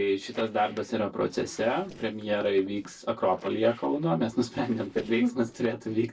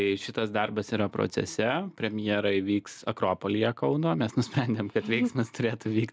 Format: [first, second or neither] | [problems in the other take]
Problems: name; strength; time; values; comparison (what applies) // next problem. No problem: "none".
second | noise reduction (neural separator model SepFormer DNS4)